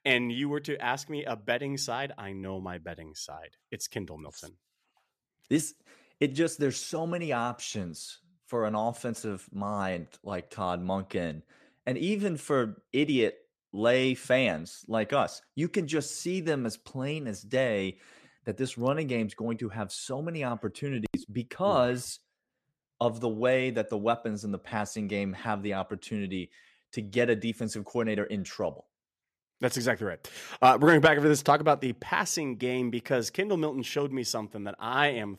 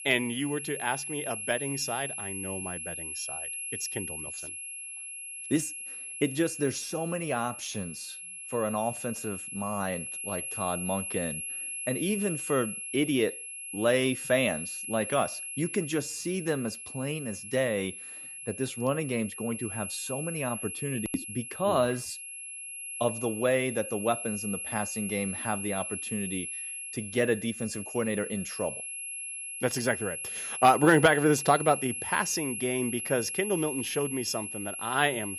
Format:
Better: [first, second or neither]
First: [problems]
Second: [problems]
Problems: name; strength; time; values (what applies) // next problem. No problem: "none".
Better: first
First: none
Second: high-pitched whine; loud; throughout; 11 kHz, 5 dB below the speech